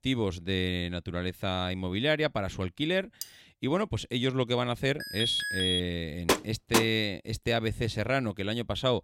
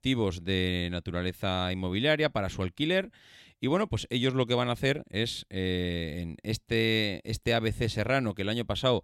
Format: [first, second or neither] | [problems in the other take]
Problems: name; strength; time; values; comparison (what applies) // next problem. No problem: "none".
second | clattering dishes; very faint; at 3 s; peak 10 dB below the speech // alarm; loud; at 5 s; peak 2 dB above the speech // door banging; loud; at 6.5 s; peak 2 dB above the speech